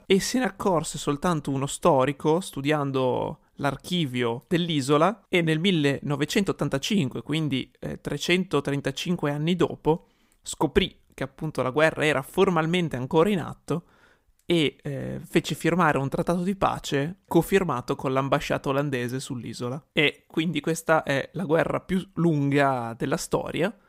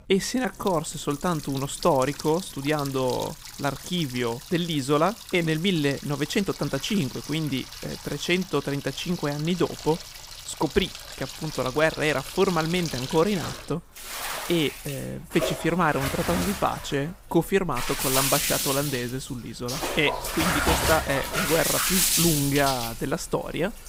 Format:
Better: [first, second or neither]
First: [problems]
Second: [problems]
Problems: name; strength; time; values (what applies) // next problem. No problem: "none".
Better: first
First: none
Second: household noises; loud; throughout; 3 dB below the speech